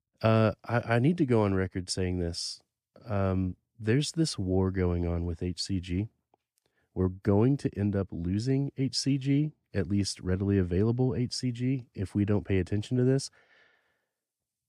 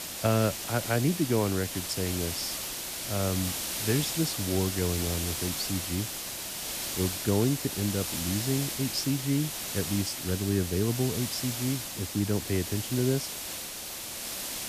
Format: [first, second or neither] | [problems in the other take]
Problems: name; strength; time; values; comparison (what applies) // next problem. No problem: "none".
first | hiss; loud; throughout; 2 dB below the speech